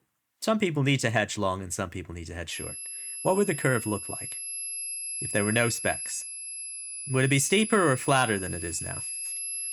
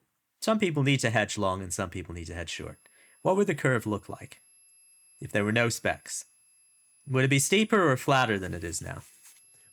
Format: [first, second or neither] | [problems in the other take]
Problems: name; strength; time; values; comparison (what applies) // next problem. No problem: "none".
second | high-pitched whine; loud; from 2.5 s on; 11 kHz, 6 dB below the speech; faint in the second